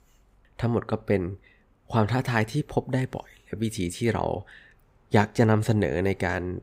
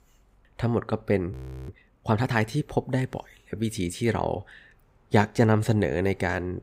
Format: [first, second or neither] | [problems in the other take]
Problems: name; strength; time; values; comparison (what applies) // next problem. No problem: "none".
first | audio freezing; at 1.5 s